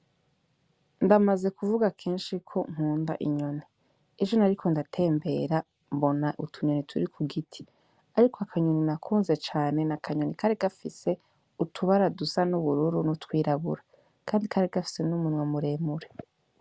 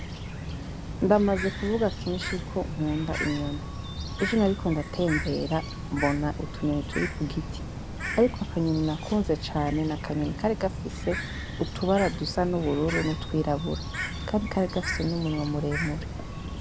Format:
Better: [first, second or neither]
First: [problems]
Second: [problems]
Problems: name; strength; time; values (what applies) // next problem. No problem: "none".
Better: first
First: none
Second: background sound (Bird); 6 dB below the speech